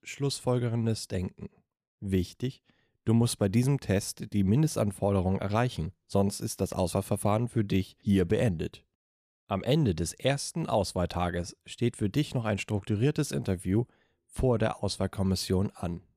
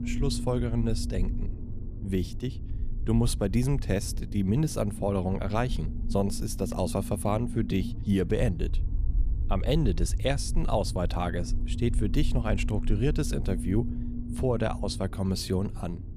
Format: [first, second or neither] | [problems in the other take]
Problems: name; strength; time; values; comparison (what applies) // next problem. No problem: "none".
first | low rumble; noticeable; throughout; 15 dB below the speech